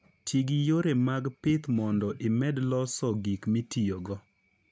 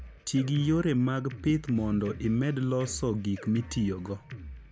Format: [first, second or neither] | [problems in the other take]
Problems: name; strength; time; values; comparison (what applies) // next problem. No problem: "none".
first | background sound (Drum kit); 16 dB below the speech